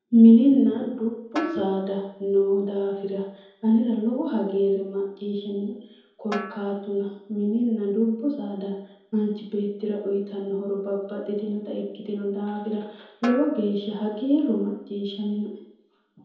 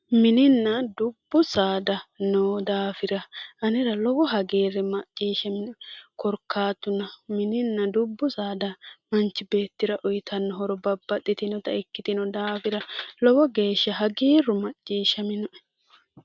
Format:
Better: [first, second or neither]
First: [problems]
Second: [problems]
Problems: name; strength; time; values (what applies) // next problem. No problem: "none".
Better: second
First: background sound (Snare drum); 17 dB below the speech // room echo; dies away in 0.9 s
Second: none